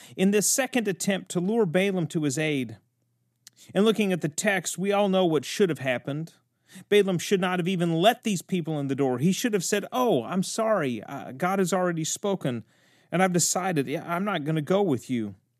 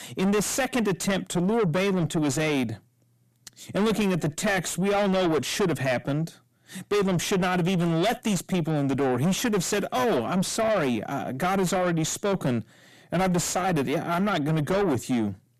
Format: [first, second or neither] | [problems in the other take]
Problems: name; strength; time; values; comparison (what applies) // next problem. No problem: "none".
first | distortion; heavy; 6 dB below the speech